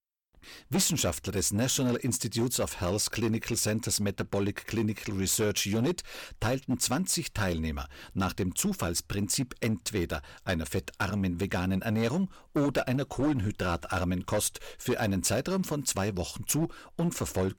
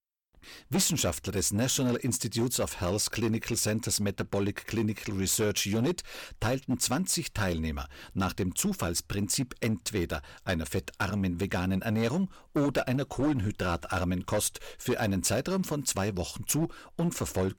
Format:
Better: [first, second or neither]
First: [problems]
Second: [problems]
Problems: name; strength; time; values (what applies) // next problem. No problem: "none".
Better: neither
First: distortion; slight; 7% of the sound clipped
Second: distortion; slight; 7% of the sound clipped